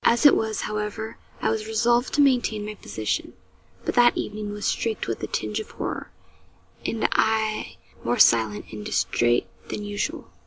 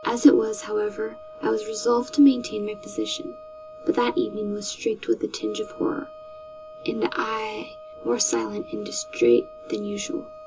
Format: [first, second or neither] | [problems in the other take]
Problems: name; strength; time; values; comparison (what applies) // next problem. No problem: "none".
first | background sound (Wind instrument, woodwind instrument); 17 dB below the speech // room echo; dies away in 0.2 s